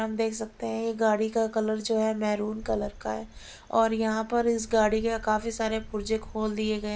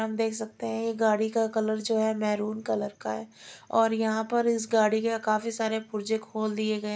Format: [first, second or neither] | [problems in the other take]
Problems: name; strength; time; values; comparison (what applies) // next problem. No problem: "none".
second | background sound (Stream); 18 dB below the speech